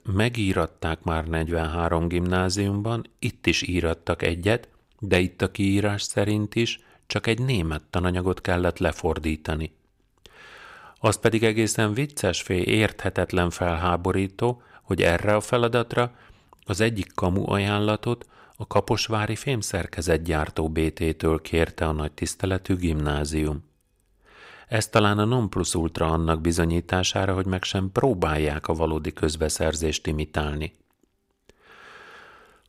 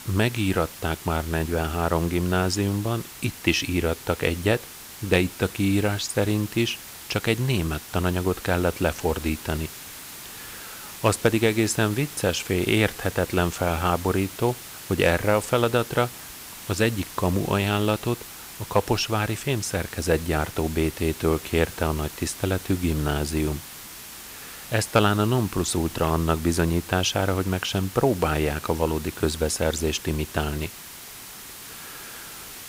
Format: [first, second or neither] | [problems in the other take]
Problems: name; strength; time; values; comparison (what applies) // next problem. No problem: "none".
first | hiss; noticeable; throughout; 15 dB below the speech